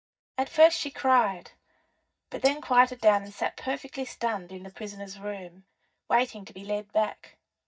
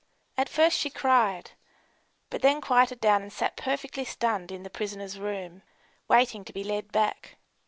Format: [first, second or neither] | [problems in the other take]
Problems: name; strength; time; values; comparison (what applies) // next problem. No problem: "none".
second | noise reduction (neural mask model DeepFilterNet 3)